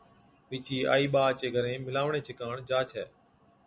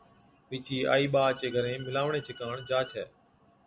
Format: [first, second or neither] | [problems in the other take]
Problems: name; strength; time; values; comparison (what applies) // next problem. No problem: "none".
first | background sound (Bowed string instrument); 20 dB below the speech